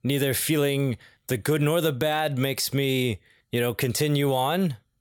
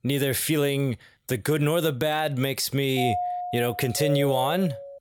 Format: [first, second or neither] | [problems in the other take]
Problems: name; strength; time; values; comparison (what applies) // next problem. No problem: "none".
first | doorbell; noticeable; from 3 s on; peak 2 dB below the speech